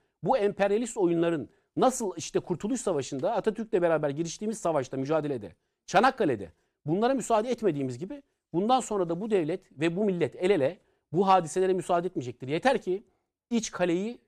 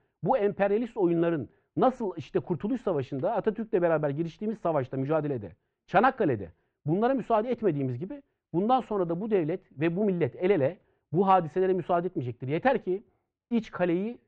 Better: first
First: none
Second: muffled; very; fading above 2.5 kHz

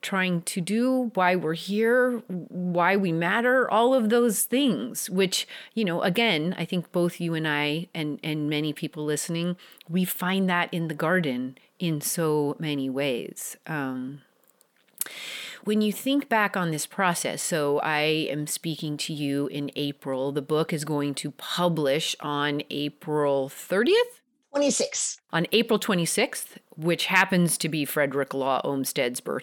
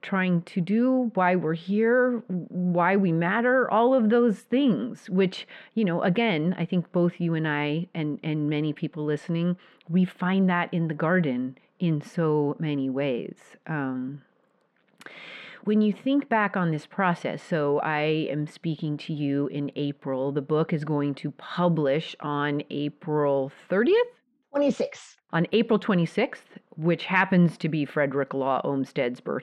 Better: first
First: none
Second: muffled; very; fading above 2 kHz

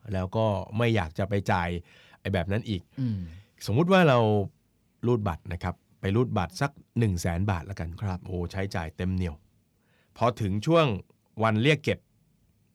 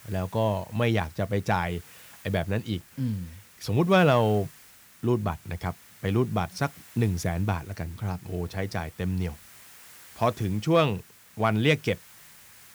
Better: first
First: none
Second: hiss; faint; throughout; 20 dB below the speech

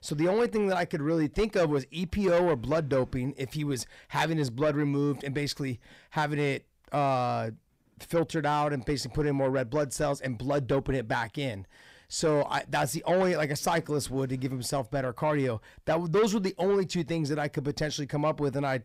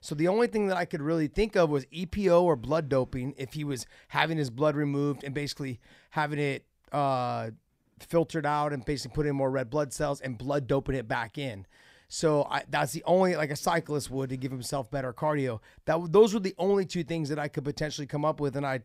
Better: second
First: distortion; slight; 10 dB below the speech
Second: none

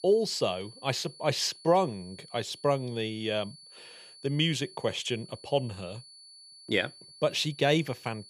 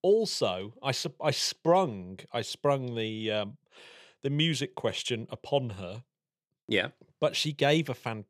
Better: second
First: high-pitched whine; noticeable; throughout; 4.5 kHz, 20 dB below the speech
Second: none

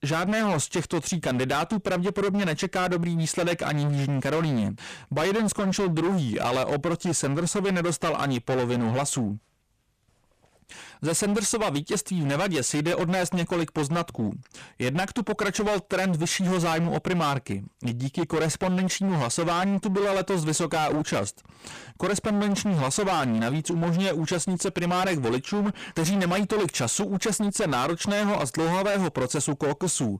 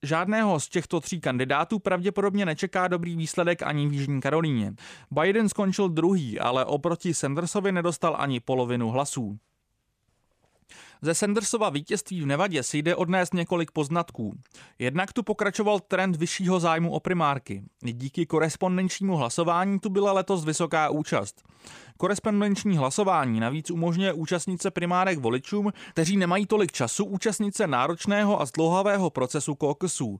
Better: second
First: distortion; heavy; 27% of the sound clipped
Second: none

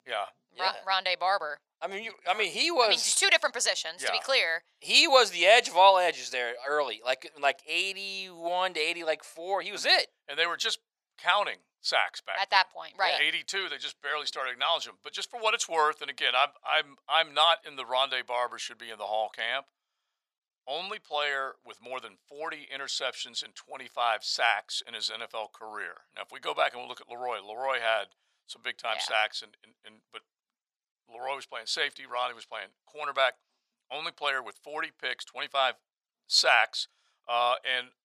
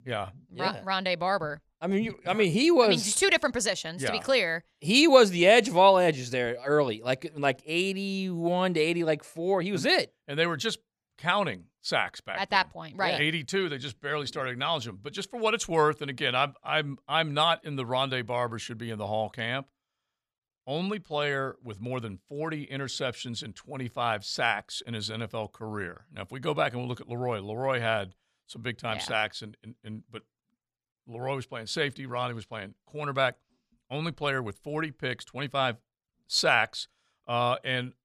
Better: second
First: thin; very; fading below 750 Hz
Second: none

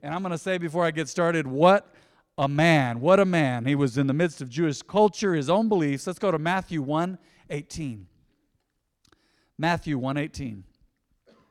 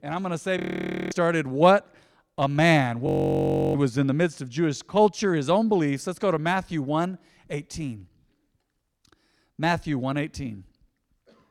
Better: first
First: none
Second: audio freezing; at 0.5 s for 0.5 s and at 3 s for 0.5 s

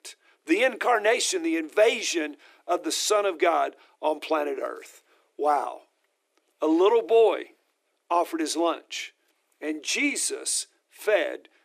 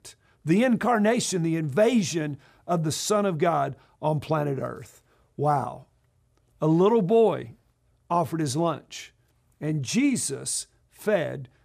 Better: second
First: thin; very; fading below 300 Hz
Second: none

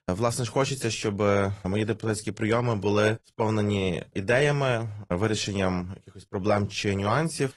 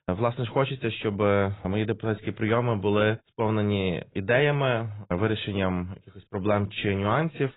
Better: first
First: garbled, watery; slightly; nothing above 11.5 kHz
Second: garbled, watery; badly; nothing above 4 kHz

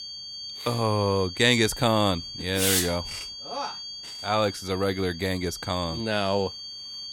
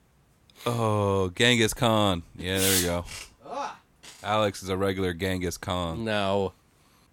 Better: second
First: high-pitched whine; noticeable; throughout; 4.5 kHz, 10 dB below the speech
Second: none

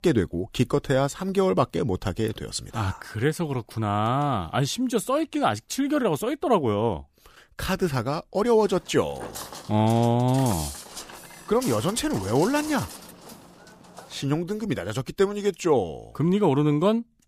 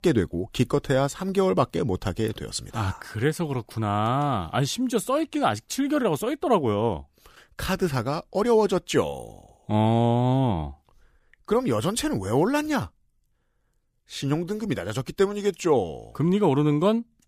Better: second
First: footsteps; noticeable; from 8.5 to 14 s; peak 8 dB below the speech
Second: none

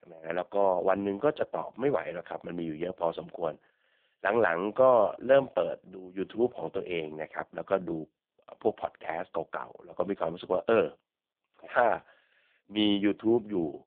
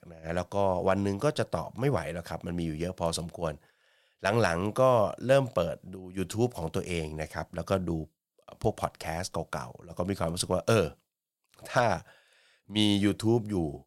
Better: second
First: phone-call audio; poor line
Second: none

